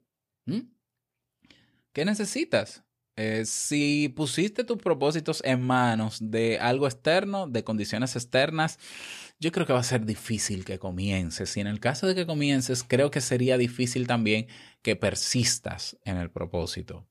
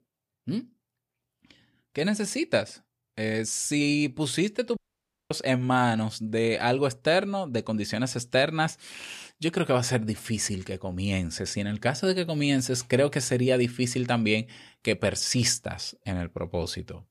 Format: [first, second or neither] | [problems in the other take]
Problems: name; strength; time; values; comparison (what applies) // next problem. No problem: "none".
first | audio cutting out; at 5 s for 0.5 s